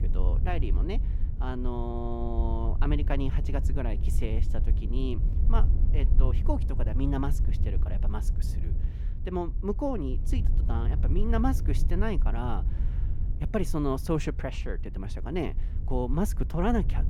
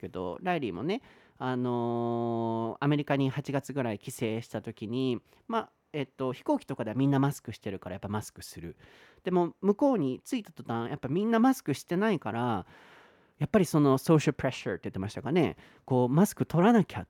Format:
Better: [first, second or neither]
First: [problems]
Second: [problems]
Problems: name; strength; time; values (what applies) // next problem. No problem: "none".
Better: second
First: wind noise on the microphone; occasional gusts; 10 dB below the speech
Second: none